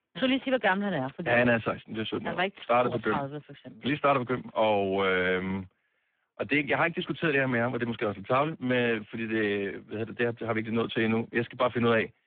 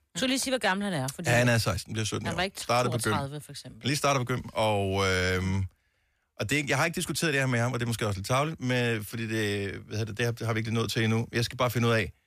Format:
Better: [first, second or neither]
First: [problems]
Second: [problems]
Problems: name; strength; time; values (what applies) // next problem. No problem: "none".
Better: second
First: phone-call audio; poor line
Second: none